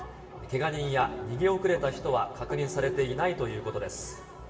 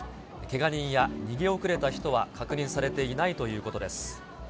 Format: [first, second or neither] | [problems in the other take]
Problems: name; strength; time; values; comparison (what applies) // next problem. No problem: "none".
second | room echo; dies away in 1.2 s